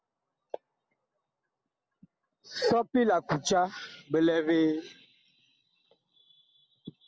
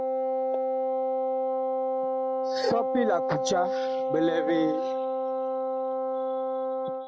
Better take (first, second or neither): first